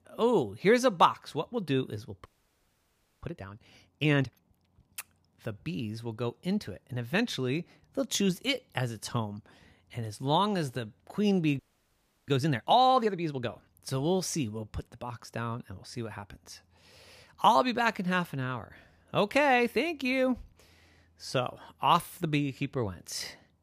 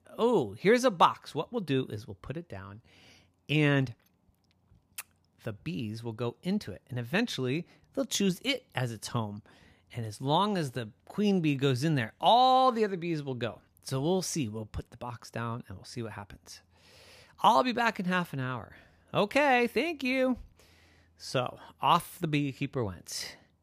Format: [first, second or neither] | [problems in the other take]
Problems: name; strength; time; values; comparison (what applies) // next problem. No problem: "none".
second | audio freezing; at 2.5 s for 1 s and at 12 s for 0.5 s